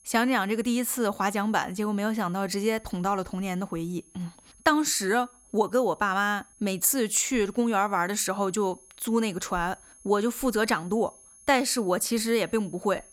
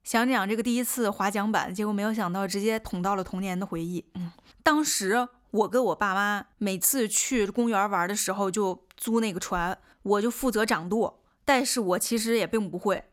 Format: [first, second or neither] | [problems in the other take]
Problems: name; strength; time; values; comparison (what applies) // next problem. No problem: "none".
second | high-pitched whine; faint; throughout; 10.5 kHz, 25 dB below the speech